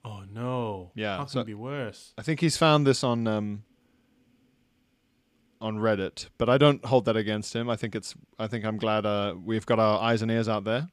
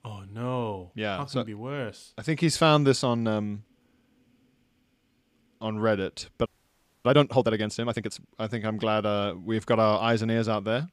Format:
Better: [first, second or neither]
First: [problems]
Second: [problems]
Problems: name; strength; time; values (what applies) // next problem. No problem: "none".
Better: first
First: none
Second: audio freezing; at 6.5 s for 0.5 s